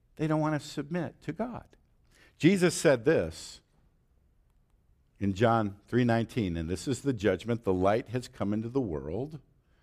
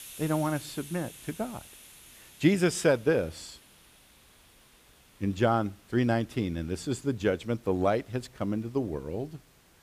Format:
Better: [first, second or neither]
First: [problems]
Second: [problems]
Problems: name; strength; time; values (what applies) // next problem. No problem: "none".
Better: first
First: none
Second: hiss; faint; throughout; 20 dB below the speech